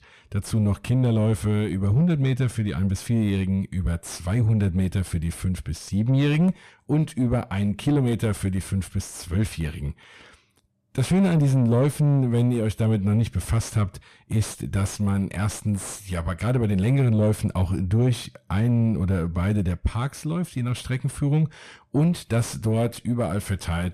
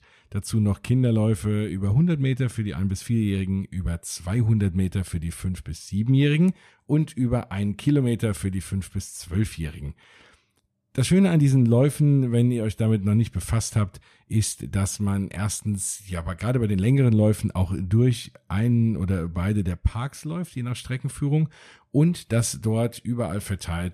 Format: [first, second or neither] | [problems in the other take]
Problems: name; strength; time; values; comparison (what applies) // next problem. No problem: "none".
second | distortion; slight; 10 dB below the speech